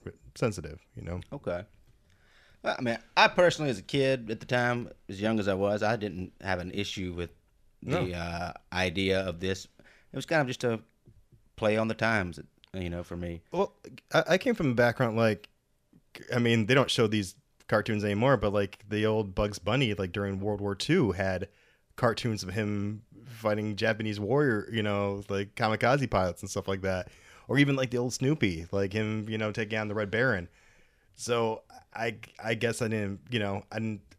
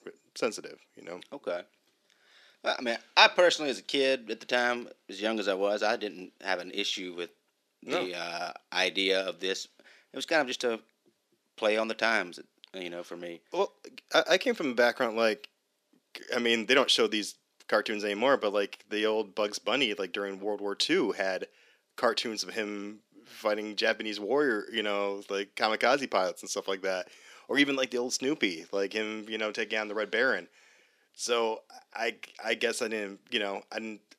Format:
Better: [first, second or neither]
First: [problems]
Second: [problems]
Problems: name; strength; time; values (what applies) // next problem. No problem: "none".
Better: first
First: none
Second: thin; somewhat; fading below 250 Hz